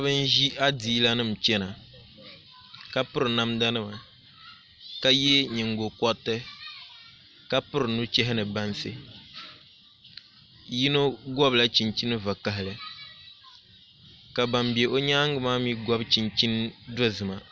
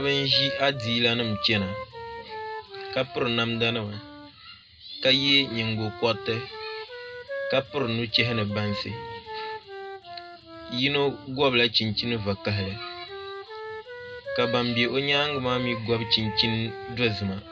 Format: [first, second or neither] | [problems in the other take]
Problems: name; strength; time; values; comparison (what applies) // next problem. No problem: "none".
first | background sound (Wind instrument, woodwind instrument); 11 dB below the speech // room echo; dies away in 0.2 s